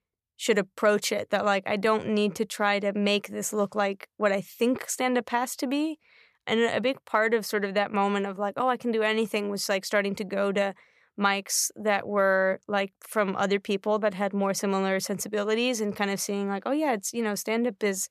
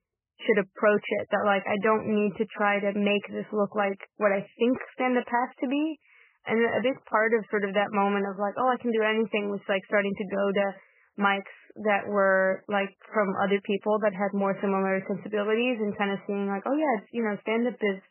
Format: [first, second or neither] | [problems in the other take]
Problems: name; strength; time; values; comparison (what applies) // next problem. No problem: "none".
first | garbled, watery; badly; nothing above 3 kHz